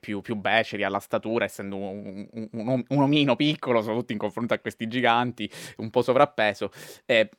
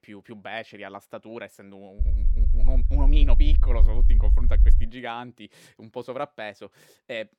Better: first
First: none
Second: low rumble; noticeable; from 2 to 5 s; 10 dB below the speech

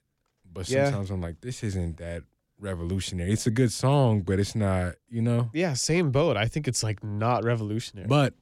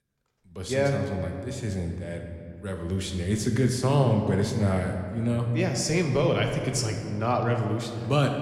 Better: first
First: none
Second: room echo; slight; dies away in 1.7 s

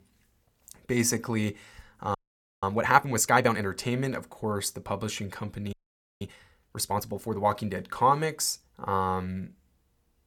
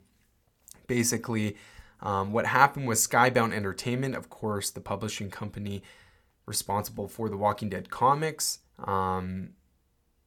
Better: second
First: audio freezing; at 2 s and at 5.5 s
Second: none

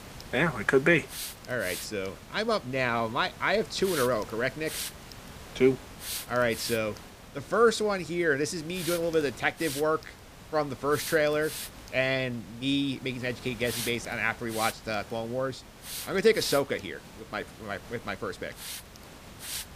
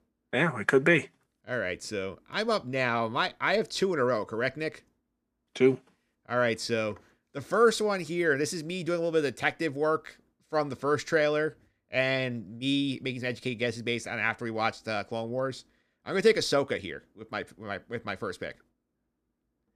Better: second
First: hiss; noticeable; throughout; 10 dB below the speech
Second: none

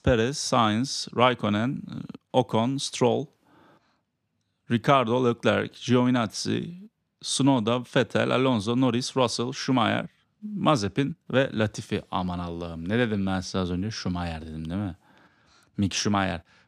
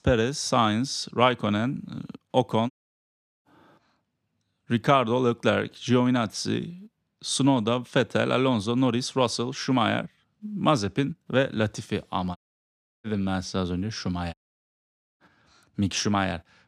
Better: first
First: none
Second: audio cutting out; at 2.5 s for 0.5 s, at 12 s for 0.5 s and at 14 s for 1 s

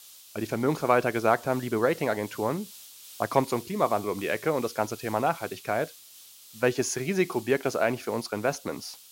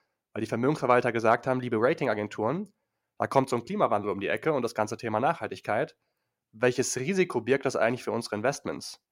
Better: second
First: hiss; noticeable; throughout; 20 dB below the speech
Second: none

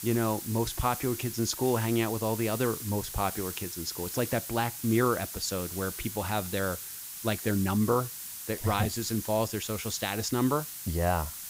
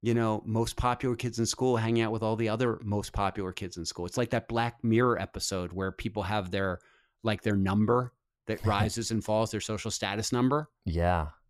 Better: second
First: hiss; loud; throughout; 7 dB below the speech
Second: none

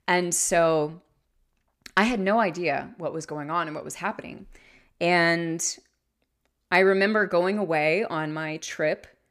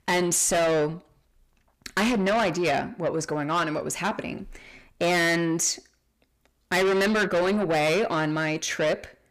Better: first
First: none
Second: distortion; heavy; 6 dB below the speech

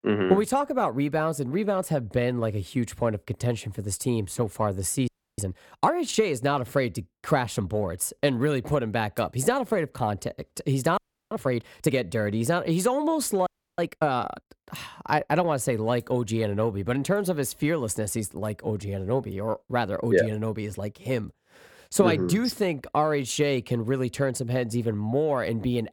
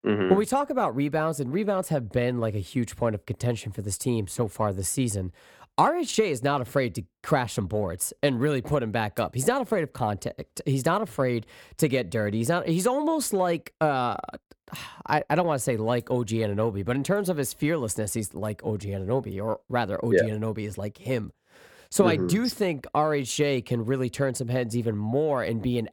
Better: second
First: audio freezing; at 5 s, at 11 s and at 13 s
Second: none

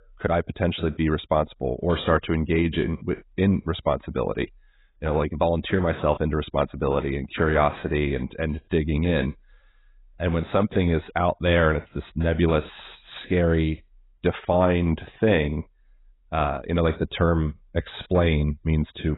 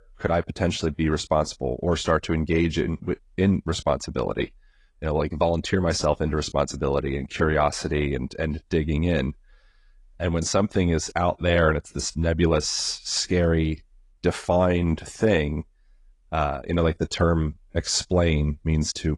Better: second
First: garbled, watery; badly; nothing above 4 kHz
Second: garbled, watery; slightly

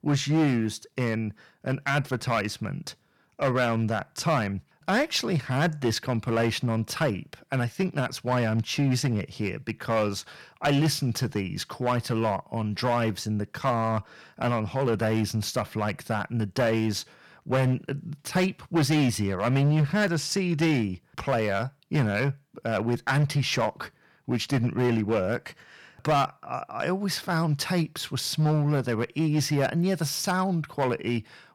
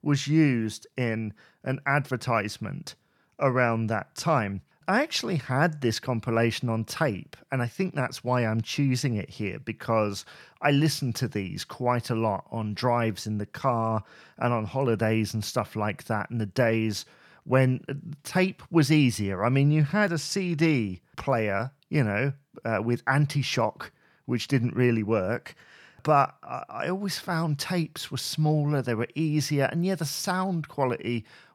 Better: second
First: distortion; slight; 6% of the sound clipped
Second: none

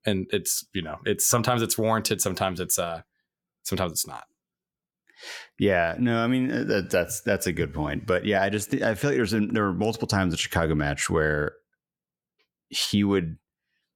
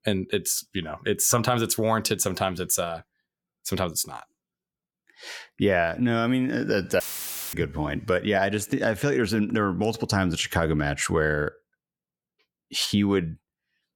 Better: first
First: none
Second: audio cutting out; filled with static; at 7 s for 0.5 s

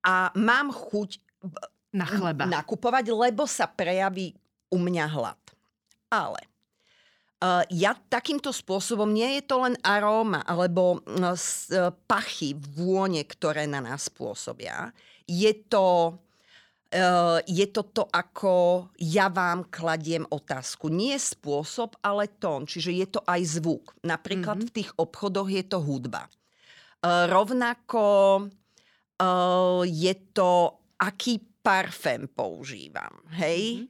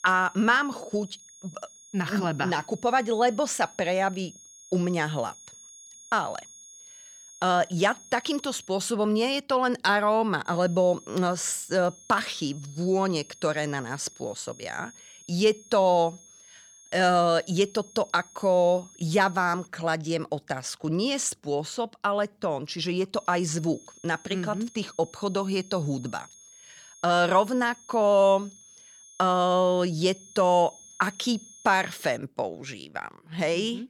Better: first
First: none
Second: high-pitched whine; faint; until 8.5 s, from 10 to 20 s and from 23 to 32 s; 6.5 kHz, 20 dB below the speech

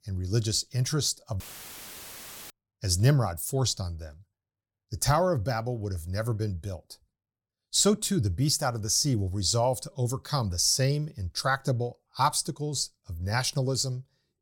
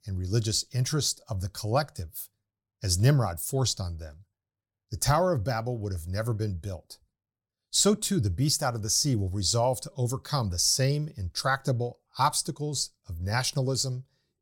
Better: second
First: audio cutting out; filled with static; at 1.5 s for 1 s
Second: none

